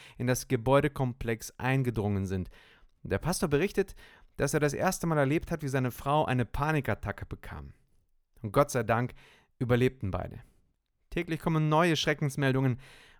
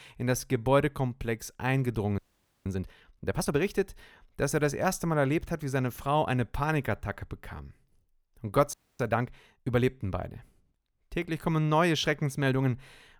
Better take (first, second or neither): first